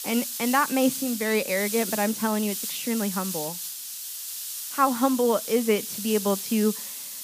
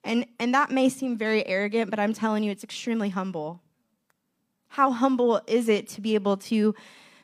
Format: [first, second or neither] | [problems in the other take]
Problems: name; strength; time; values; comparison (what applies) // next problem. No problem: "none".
second | hiss; loud; throughout; 6 dB below the speech